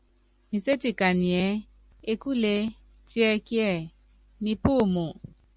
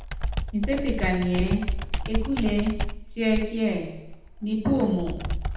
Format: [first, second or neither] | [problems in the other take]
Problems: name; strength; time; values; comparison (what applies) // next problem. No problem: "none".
first | background sound (Computer keyboard); 3 dB below the speech // room echo; dies away in 0.8 s